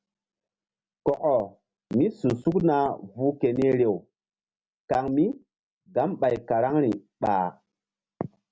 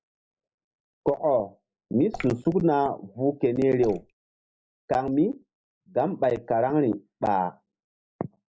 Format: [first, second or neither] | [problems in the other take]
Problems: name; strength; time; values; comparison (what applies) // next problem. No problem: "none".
first | noise reduction (neural mask model Resemble Enhance denoiser)